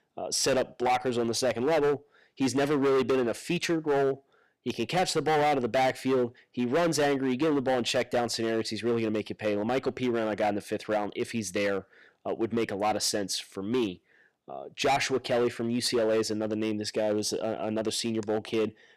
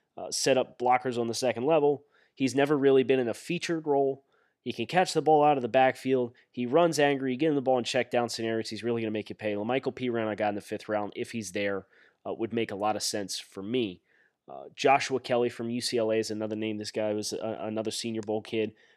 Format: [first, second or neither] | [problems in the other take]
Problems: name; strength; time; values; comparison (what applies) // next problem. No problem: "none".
second | distortion; heavy; 11% of the sound clipped